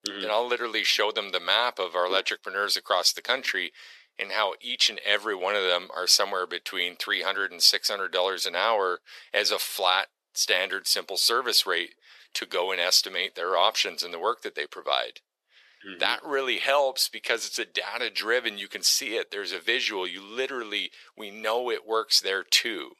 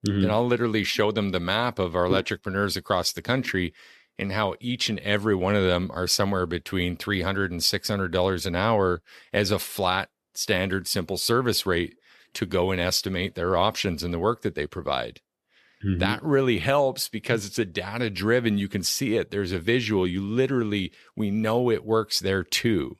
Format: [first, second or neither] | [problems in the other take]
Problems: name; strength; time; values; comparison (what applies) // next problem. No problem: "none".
second | thin; very; fading below 500 Hz